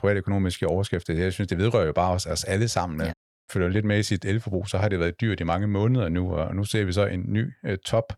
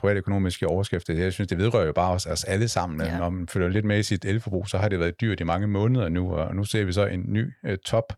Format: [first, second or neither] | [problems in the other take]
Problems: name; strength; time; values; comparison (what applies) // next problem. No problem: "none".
second | audio cutting out; at 3 s